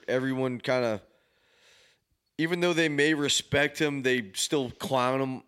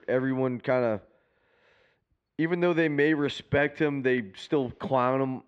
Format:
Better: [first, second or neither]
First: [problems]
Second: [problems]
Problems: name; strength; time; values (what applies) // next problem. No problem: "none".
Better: first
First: none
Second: muffled; very; fading above 2 kHz